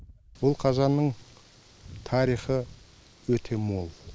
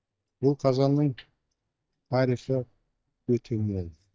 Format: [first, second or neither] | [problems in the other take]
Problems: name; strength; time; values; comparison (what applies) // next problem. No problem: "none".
first | noise reduction (neural mask model DeepFilterNet 3)